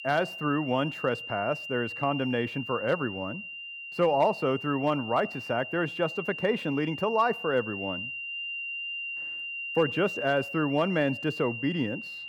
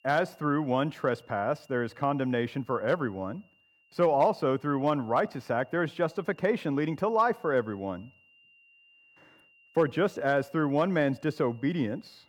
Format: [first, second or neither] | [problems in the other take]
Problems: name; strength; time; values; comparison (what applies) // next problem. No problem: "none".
second | high-pitched whine; loud; throughout; 3 kHz, 7 dB below the speech; faint in the second